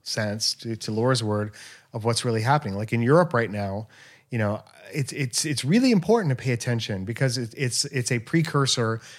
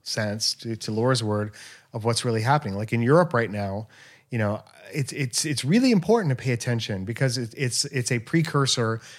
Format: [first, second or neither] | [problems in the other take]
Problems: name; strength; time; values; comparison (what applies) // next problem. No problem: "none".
neither | none